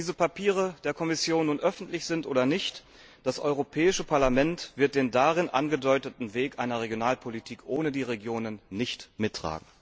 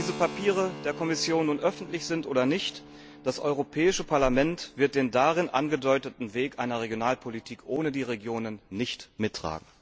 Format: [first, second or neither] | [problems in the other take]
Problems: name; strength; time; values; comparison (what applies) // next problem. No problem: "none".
first | background sound (Keyboard (musical)); 17 dB below the speech